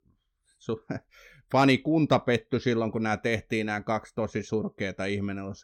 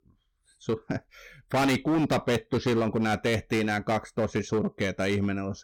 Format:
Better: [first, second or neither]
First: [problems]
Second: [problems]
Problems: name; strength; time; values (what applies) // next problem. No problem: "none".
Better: first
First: none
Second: distortion; heavy; 13% of the sound clipped